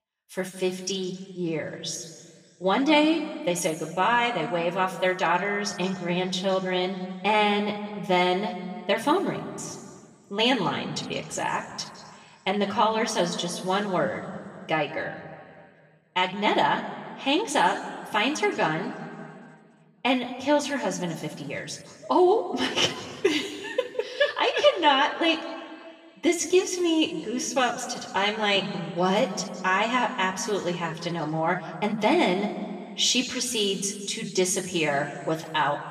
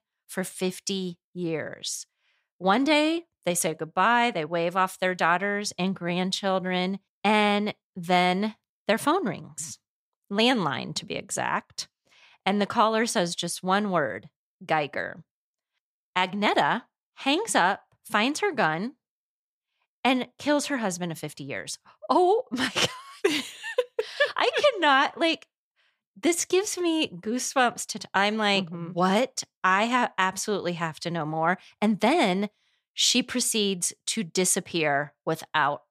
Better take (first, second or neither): second